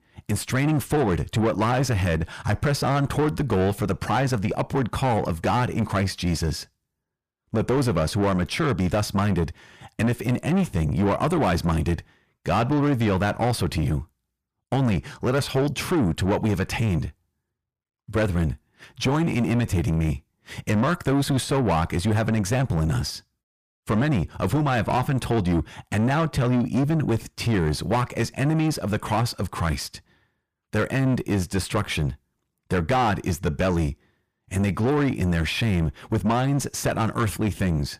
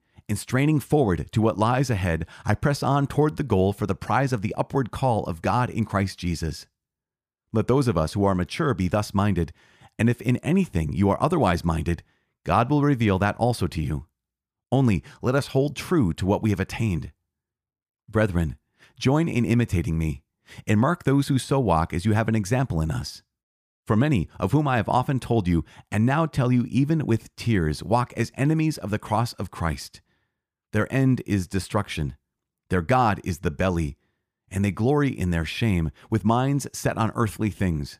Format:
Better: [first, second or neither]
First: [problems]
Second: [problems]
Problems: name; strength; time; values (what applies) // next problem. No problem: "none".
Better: second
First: distortion; heavy; 6 dB below the speech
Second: none